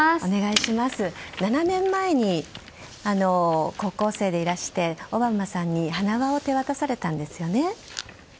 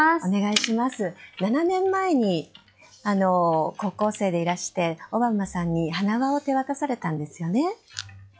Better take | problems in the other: first | noise reduction (classical method log-MMSE)

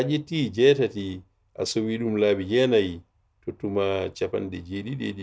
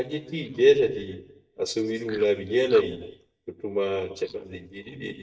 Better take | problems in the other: first | noise reduction (neural mask model DeepFilterNet 3)

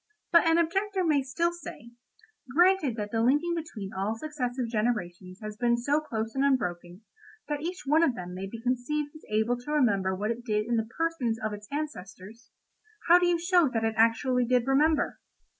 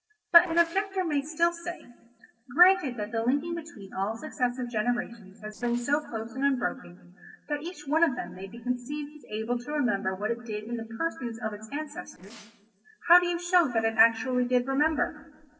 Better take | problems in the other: first | noise reduction (neural separator model SepFormer DNS4)

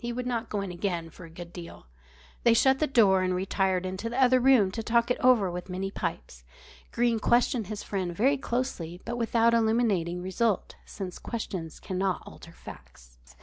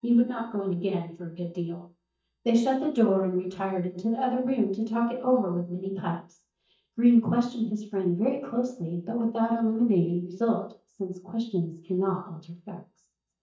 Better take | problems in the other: first | noise reduction (neural mask model DeepFilterNet 3)

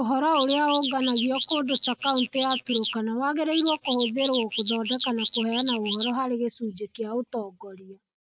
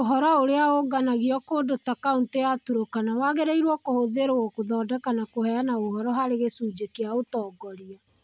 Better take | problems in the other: second | noise reduction (neural mask model Resemble Enhance denoiser)

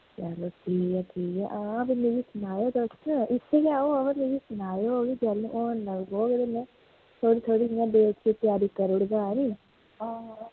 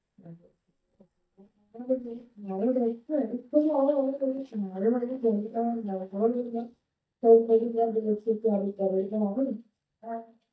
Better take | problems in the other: first | noise reduction (neural mask model DeepFilterNet 3)

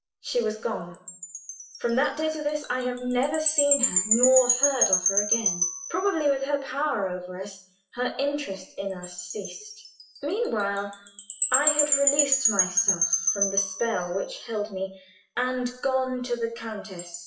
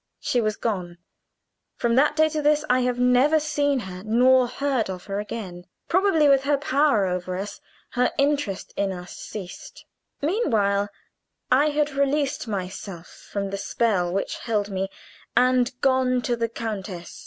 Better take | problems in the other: second | noise reduction (classical method WPE with log-MMSE)

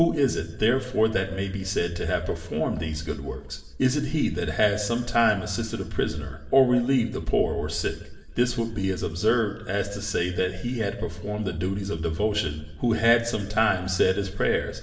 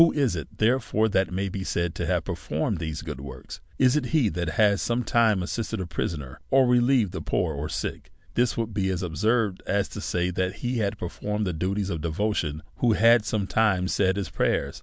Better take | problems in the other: second | room echo; dies away in 0.8 s

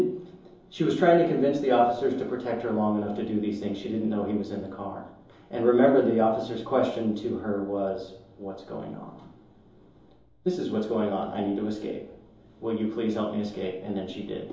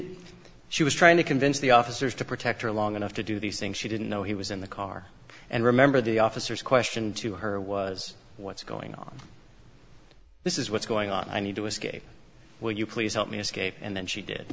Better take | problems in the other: second | room echo; dies away in 2.8 s

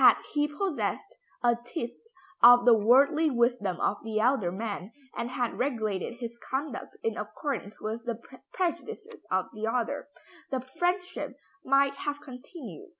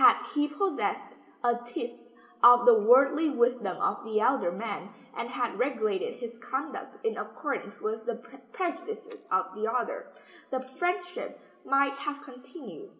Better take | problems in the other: first | room echo; dies away in 2.6 s

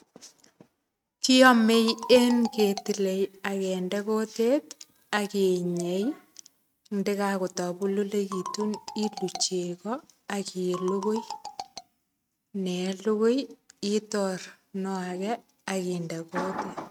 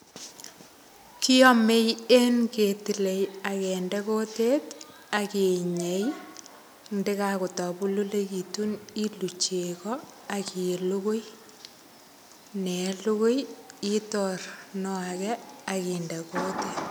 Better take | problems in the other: second | noise reduction (neural mask model RNNoise)

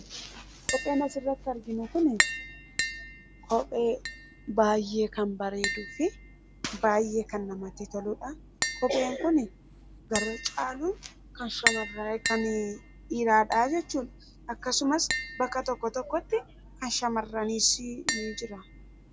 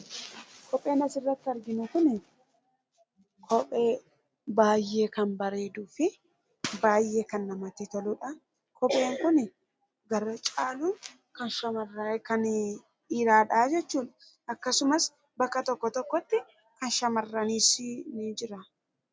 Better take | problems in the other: second | background sound (Tap); 7 dB below the speech

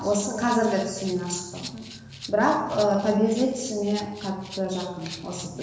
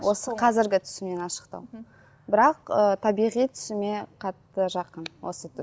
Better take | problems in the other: second | background sound (Rattle (instrument)); 18 dB below the speech // room echo; dies away in 1.1 s

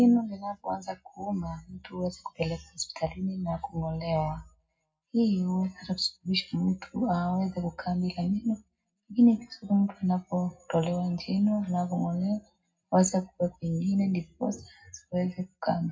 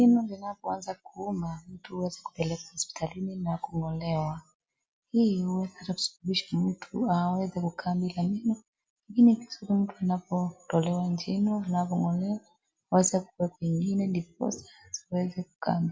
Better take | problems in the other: second | room echo; dies away in 0.3 s

